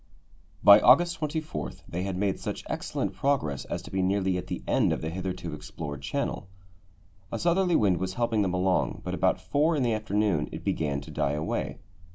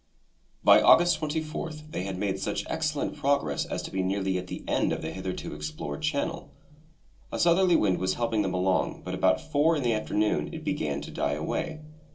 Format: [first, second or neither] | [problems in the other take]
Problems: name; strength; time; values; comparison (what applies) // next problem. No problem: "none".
first | room echo; dies away in 0.2 s